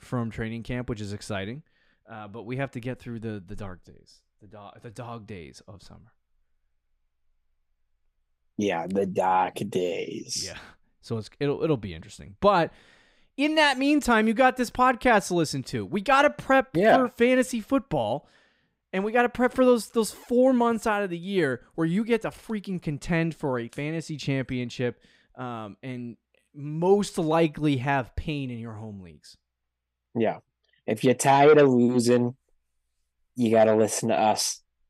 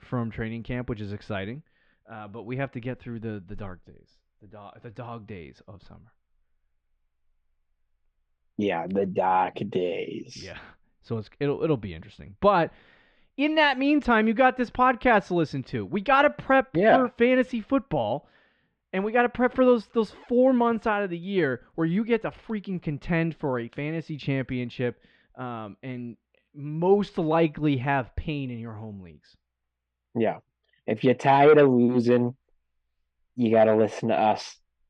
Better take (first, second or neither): first